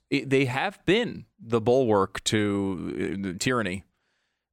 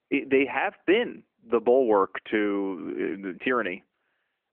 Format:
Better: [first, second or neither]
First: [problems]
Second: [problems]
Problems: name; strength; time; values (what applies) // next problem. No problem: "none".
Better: first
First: none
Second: phone-call audio; nothing above 3 kHz